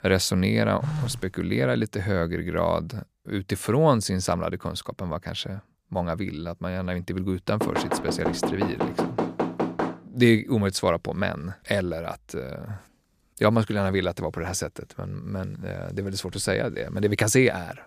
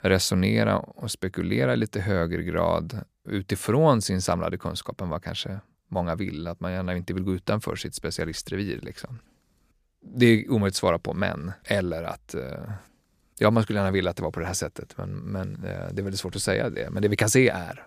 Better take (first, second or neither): second